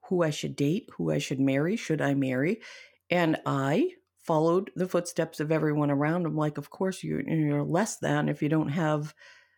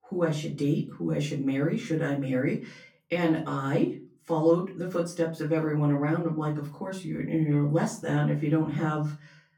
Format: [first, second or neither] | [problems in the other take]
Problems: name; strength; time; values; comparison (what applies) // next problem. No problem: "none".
first | off-mic speech; far // room echo; slight; dies away in 0.3 s